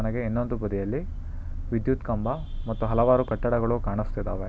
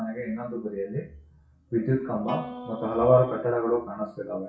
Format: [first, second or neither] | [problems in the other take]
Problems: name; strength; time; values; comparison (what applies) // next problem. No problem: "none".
first | noise reduction (classical method WPE with log-MMSE)